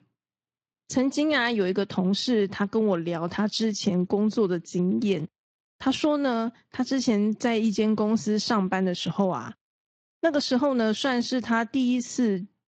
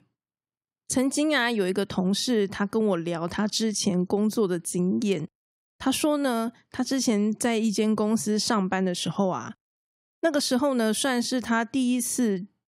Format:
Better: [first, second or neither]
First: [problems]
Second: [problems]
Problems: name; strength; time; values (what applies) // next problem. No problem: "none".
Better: second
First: garbled, watery; slightly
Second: none